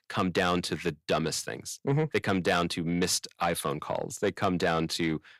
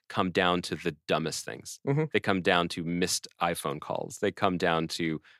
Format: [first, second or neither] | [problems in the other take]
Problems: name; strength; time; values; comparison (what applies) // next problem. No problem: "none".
second | distortion; slight; 10 dB below the speech